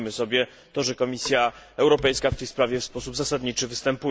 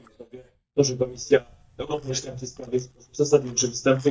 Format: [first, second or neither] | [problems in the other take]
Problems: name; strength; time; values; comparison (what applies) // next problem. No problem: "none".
first | noise reduction (neural mask model DeepFilterNet 3)